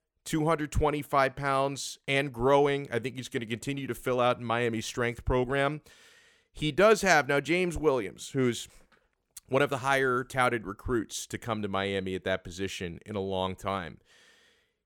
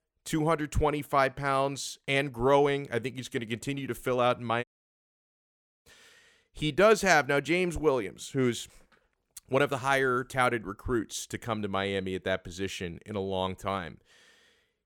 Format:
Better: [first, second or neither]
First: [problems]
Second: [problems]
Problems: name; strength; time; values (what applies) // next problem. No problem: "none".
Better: first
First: none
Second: audio cutting out; at 4.5 s for 1 s